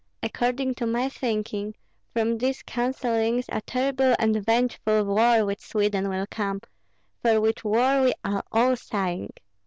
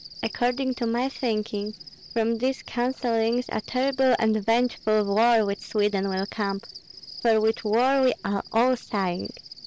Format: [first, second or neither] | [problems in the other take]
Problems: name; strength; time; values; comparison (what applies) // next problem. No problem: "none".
first | background sound (Cricket); 18 dB below the speech